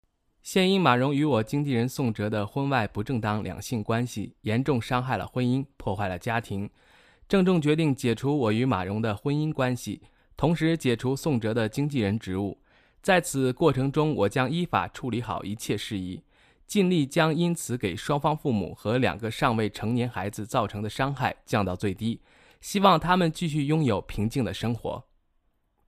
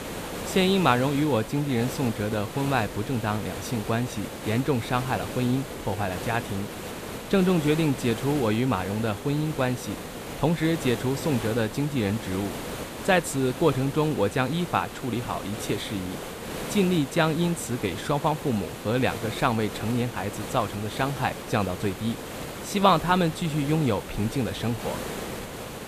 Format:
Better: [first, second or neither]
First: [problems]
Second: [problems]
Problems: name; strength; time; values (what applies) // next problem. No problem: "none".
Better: first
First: none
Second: hiss; loud; throughout; 9 dB below the speech